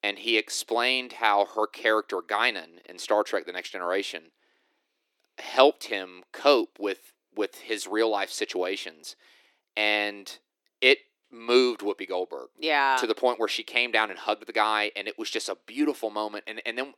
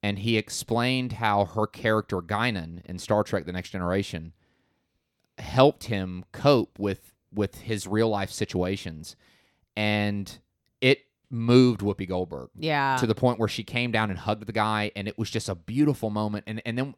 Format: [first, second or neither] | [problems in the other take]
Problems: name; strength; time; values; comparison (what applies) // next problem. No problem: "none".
second | thin; somewhat; fading below 300 Hz